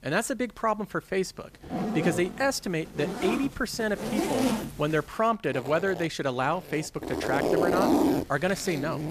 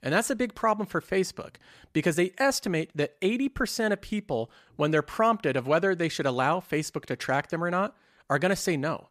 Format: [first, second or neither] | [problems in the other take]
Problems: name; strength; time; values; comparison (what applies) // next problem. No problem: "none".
second | household noises; loud; throughout; 1 dB below the speech